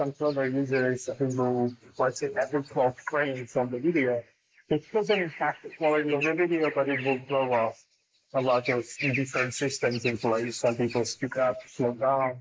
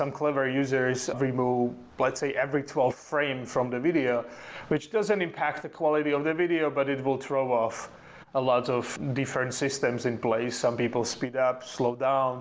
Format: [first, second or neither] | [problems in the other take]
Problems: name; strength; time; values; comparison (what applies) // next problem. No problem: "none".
second | noise reduction (neural mask model Resemble Enhance denoiser)